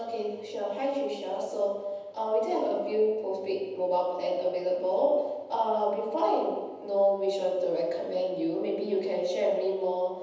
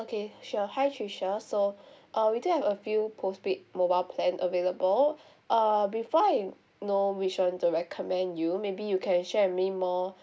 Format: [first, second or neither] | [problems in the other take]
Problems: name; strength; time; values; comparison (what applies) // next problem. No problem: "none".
second | room echo; dies away in 1.1 s